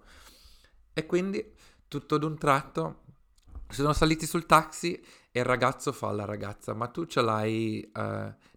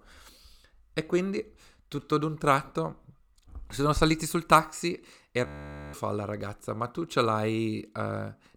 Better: first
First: none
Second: audio freezing; at 5.5 s

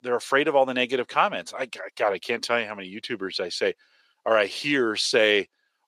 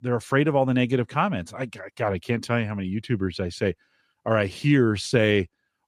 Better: second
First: thin; somewhat; fading below 500 Hz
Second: none

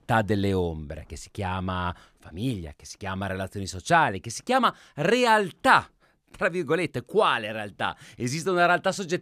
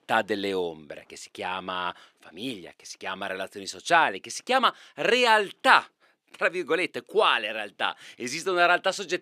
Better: first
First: none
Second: thin; somewhat; fading below 350 Hz

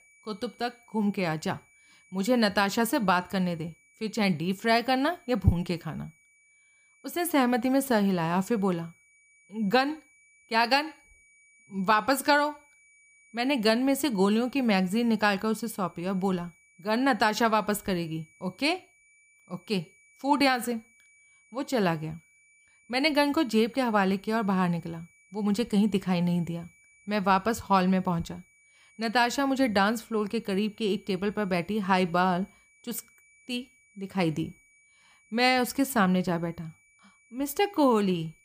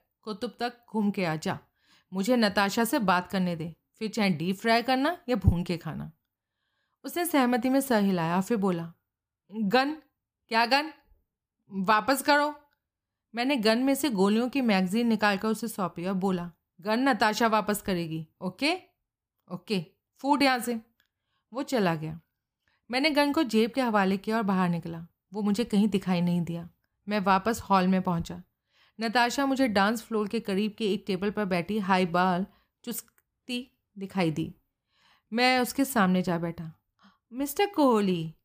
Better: second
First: high-pitched whine; faint; throughout; 2.5 kHz, 30 dB below the speech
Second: none

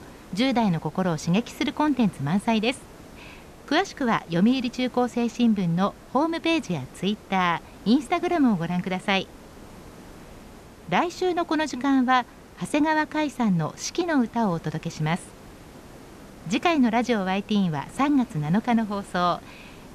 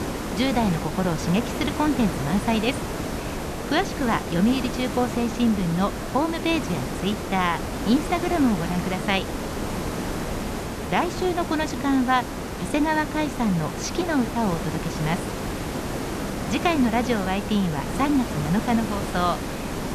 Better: first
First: hiss; faint; throughout; 20 dB below the speech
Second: hiss; loud; throughout; 5 dB below the speech

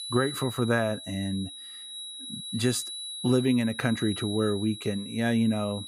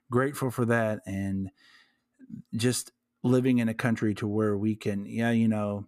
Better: second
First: high-pitched whine; loud; throughout; 4 kHz, 9 dB below the speech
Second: none

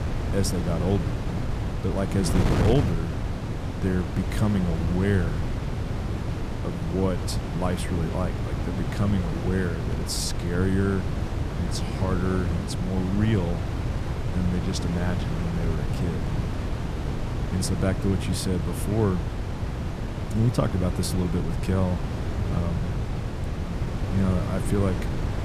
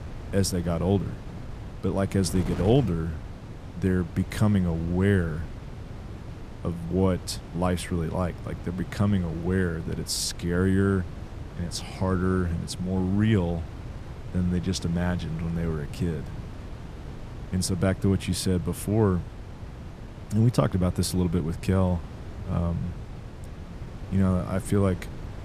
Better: second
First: wind noise on the microphone; heavy; 3 dB below the speech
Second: wind noise on the microphone; occasional gusts; 15 dB below the speech

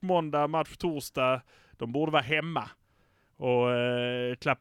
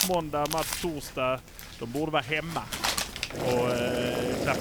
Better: first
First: none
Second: household noises; loud; throughout; 1 dB below the speech

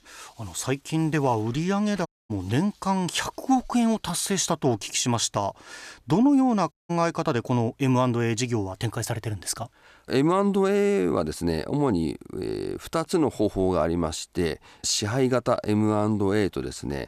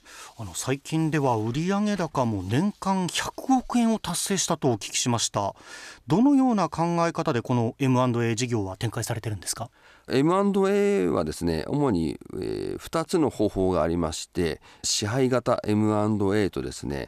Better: second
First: audio cutting out; at 2 s and at 6.5 s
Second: none

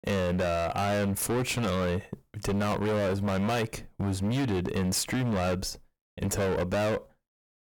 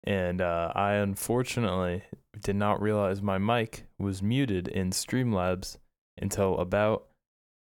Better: second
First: distortion; heavy; 26% of the sound clipped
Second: none

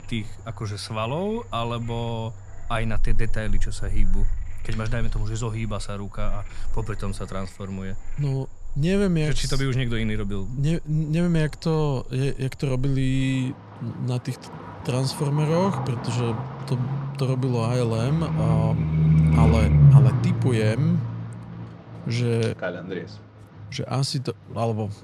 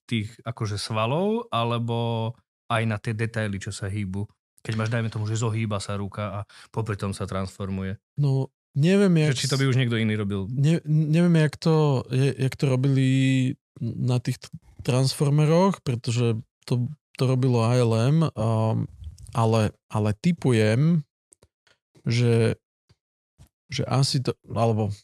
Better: second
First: animal sounds; very loud; throughout; 2 dB above the speech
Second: none

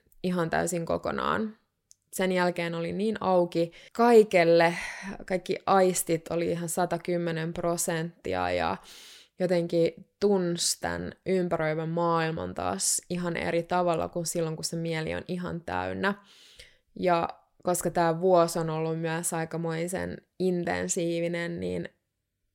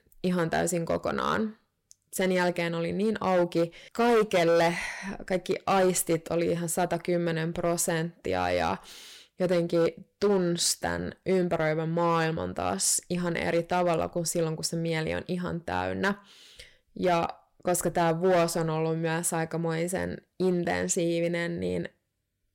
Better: first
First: none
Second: distortion; slight; 5% of the sound clipped

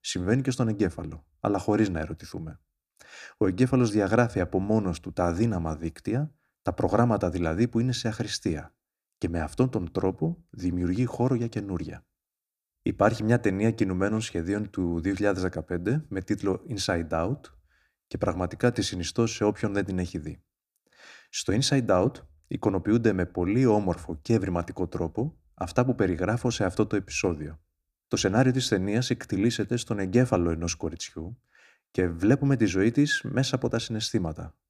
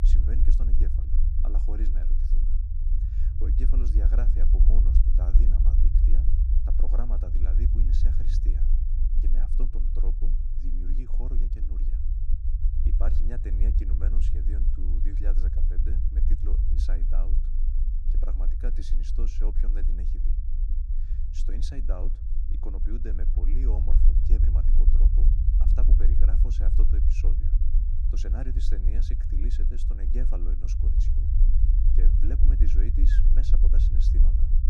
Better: first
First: none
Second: low rumble; loud; throughout; 1 dB below the speech

